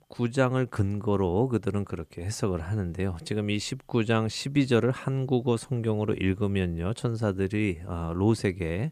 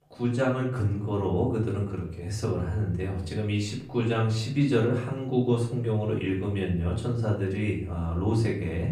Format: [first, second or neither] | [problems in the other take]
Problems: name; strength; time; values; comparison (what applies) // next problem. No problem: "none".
first | off-mic speech; far // room echo; slight; dies away in 0.5 s